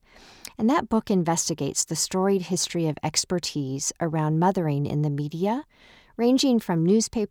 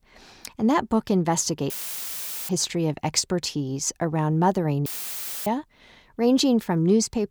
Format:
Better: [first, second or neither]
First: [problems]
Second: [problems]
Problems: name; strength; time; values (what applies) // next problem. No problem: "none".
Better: first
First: none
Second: audio cutting out; filled with static; at 1.5 s for 1 s and at 5 s for 0.5 s